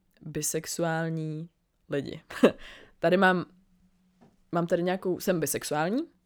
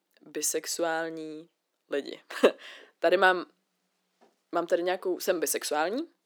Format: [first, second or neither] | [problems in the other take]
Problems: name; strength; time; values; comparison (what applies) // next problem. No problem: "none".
first | thin; somewhat; fading below 300 Hz